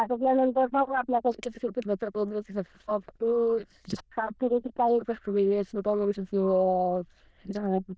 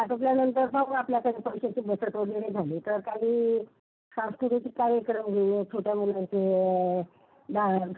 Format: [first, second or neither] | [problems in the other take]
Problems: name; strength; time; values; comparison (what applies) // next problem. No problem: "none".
second | noise reduction (neural diffusion model UNIVERSE++)